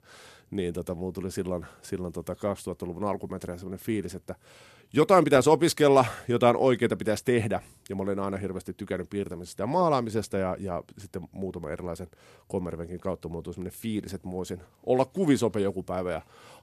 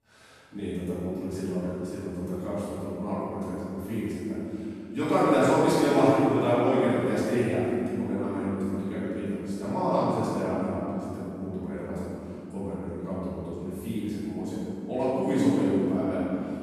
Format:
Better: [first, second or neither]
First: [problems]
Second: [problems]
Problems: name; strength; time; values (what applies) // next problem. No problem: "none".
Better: first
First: none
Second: room echo; strong; dies away in 3 s // off-mic speech; far